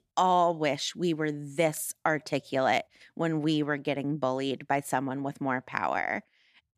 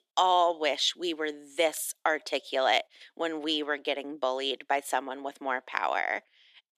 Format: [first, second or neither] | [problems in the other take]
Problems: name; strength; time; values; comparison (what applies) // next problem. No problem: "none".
first | thin; somewhat; fading below 350 Hz